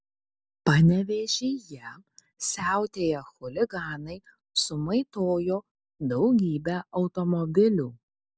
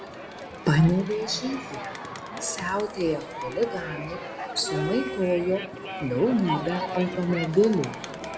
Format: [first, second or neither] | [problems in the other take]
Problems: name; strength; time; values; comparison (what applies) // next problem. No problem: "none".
first | background sound (Crowd); 8 dB below the speech // room echo; dies away in 1.4 s